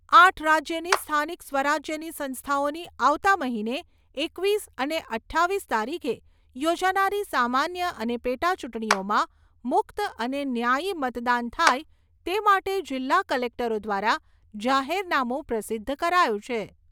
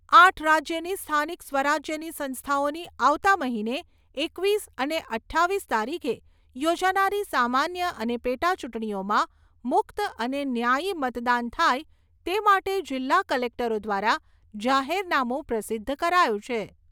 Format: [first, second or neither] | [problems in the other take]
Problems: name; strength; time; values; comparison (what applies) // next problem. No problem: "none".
second | background sound (Clapping); 8 dB below the speech